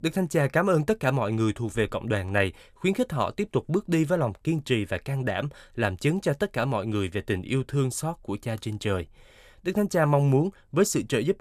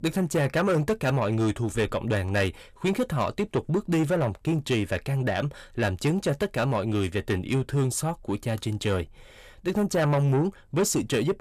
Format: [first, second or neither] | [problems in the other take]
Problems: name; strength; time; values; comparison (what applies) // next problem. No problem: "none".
first | distortion; slight; 10 dB below the speech